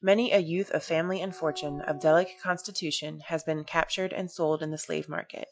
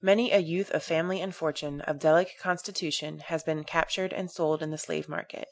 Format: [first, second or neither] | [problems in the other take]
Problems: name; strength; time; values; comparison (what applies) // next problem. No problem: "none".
second | noise reduction (classical method log-MMSE)